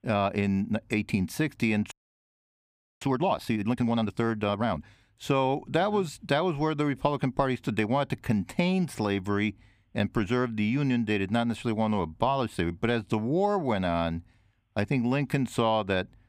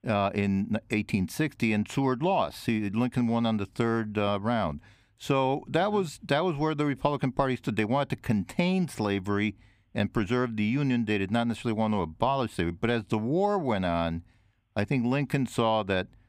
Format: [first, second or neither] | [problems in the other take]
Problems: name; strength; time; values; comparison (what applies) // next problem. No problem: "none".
second | audio freezing; at 2 s for 1 s